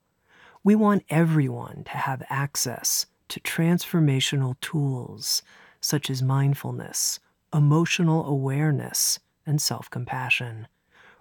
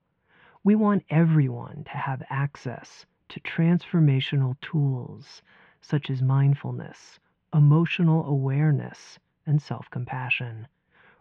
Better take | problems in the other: first | muffled; very; fading above 3 kHz

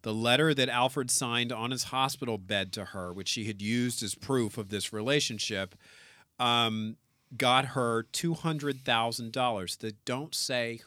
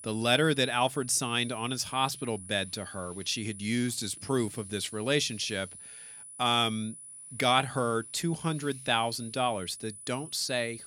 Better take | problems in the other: first | high-pitched whine; noticeable; throughout; 10 kHz, 15 dB below the speech

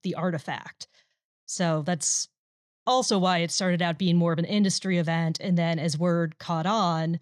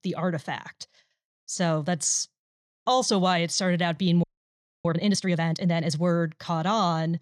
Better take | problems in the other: first | audio freezing; at 4 s for 0.5 s

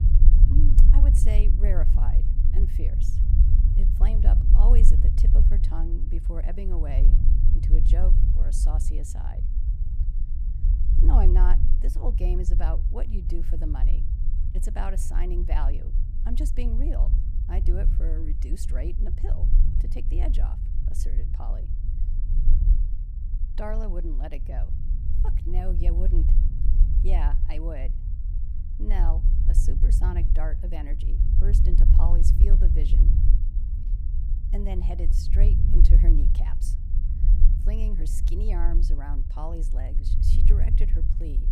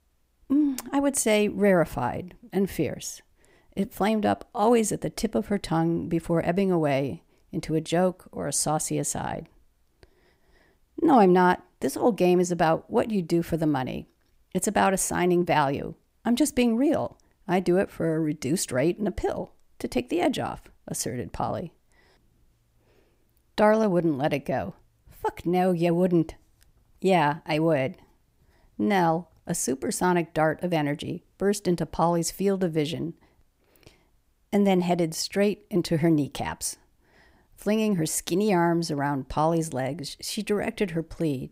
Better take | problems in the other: second | low rumble; loud; throughout; 4 dB below the speech

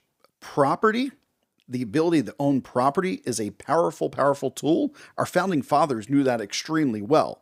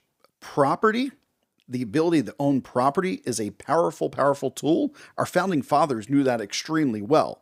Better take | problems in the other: neither | none

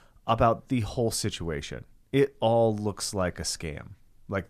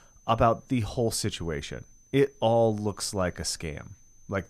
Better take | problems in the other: first | high-pitched whine; faint; throughout; 6 kHz, 30 dB below the speech

